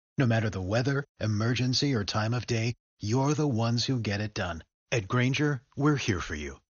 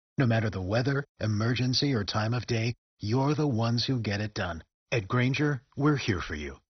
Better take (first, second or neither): first